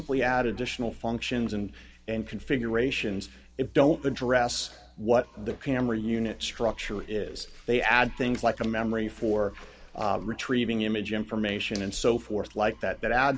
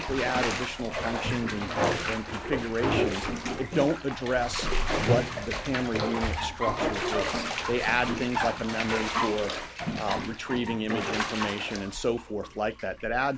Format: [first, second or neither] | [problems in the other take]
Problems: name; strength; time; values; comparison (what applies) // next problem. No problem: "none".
first | background sound (Bathtub (filling or washing)); as loud as the speech